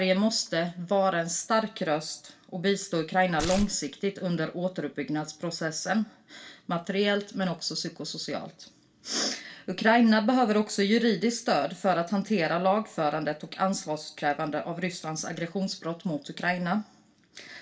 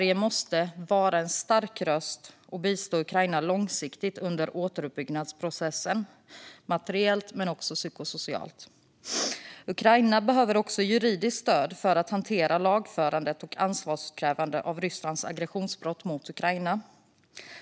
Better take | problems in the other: second | background sound (Tearing); 6 dB below the speech // room echo; dies away in 0.2 s

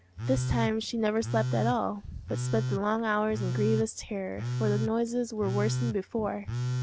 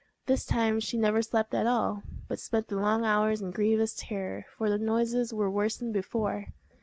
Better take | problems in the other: second | background sound (Telephone); 3 dB below the speech

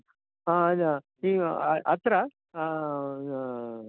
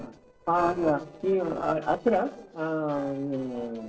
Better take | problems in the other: first | noise reduction (neural separator model SepFormer DNS4)

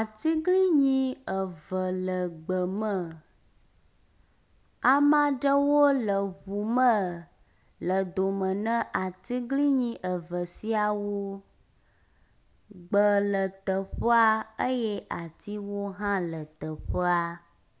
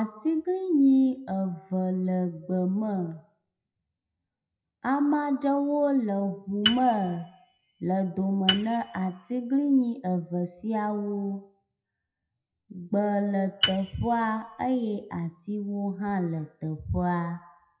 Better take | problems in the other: first | noise reduction (classical method WPE with log-MMSE)

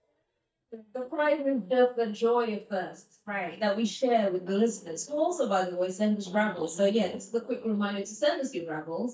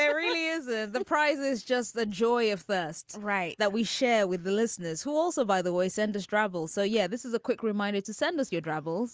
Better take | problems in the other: second | noise reduction (neural mask model DeepFilterNet 3)

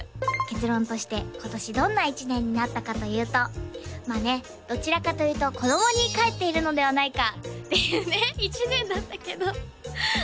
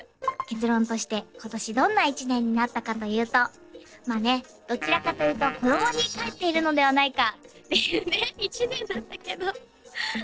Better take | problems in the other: first | noise reduction (neural separator model SepFormer DNS4)

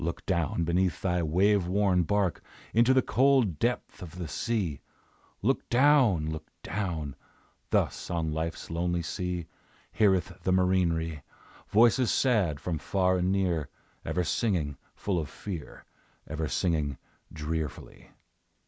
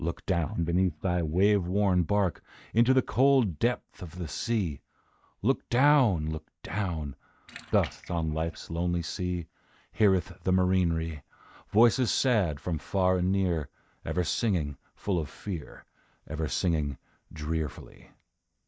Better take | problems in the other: first | noise reduction (neural mask model DeepFilterNet 3)

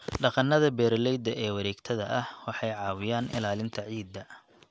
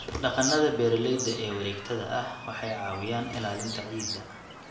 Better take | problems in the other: first | background sound (Bird vocalization, bird call, bird song); 9 dB below the speech // room echo; dies away in 0.7 s

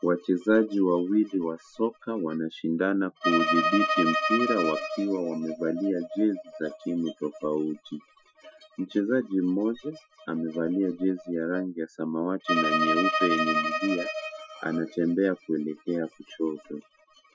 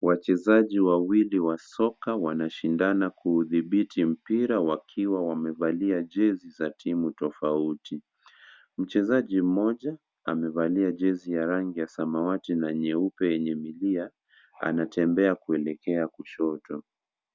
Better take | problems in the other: second | noise reduction (classical method Wiener filter)

